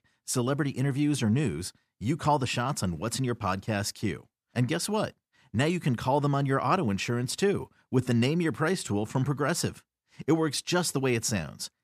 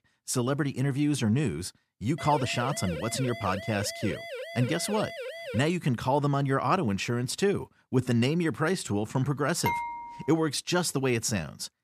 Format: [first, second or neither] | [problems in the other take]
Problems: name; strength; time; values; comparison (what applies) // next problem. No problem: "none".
first | siren; noticeable; from 2 to 5.5 s; peak 9 dB below the speech // clattering dishes; noticeable; at 9.5 s; peak 2 dB below the speech